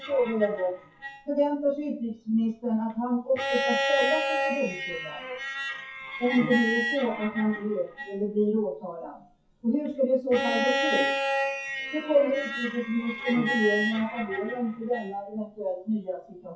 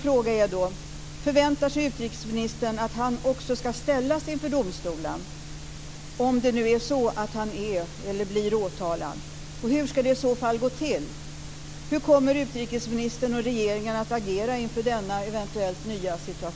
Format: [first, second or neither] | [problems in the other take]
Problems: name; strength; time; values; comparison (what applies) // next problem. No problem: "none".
second | noise reduction (classical method WPE with log-MMSE)